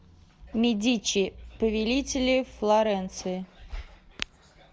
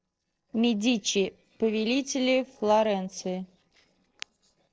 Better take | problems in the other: first | noise reduction (neural separator model SepFormer DNS4)

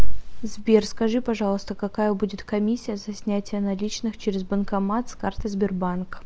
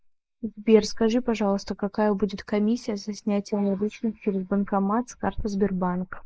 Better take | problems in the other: first | noise reduction (neural mask model Resemble Enhance denoiser)

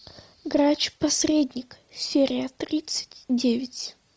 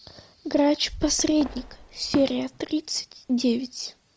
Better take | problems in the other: first | background sound (Fireworks); 14 dB below the speech

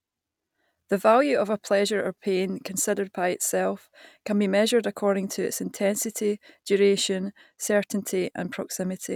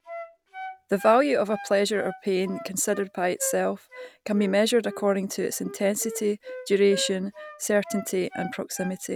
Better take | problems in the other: first | background sound (Wind instrument, woodwind instrument); 15 dB below the speech

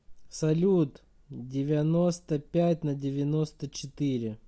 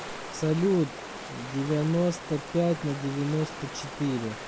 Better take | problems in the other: first | background sound (Water); 11 dB below the speech

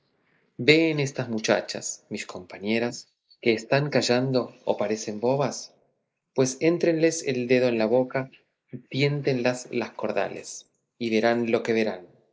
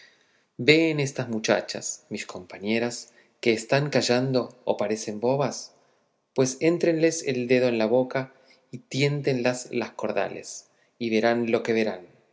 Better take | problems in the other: second | noise reduction (neural mask model Resemble Enhance denoiser)

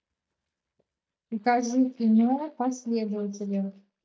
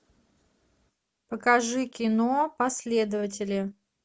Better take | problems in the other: second | noise reduction (neural mask model DeepFilterNet 3)

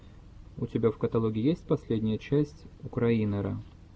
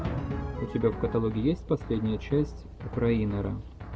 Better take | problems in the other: first | background sound (Drum); 7 dB below the speech

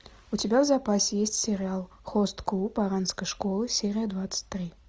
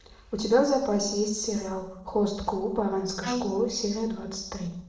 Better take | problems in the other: first | noise reduction (neural separator model SepFormer DNS4)

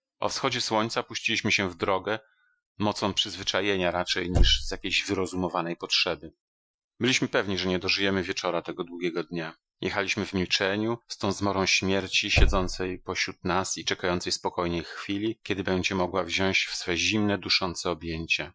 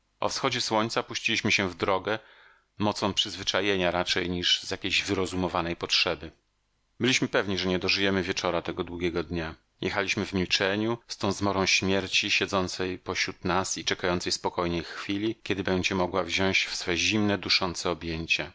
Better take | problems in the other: second | noise reduction (classical method Wiener filter)

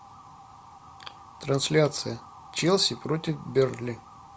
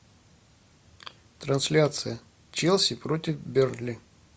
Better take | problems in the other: second | background sound (Motor vehicle (road) / Siren); 20 dB below the speech

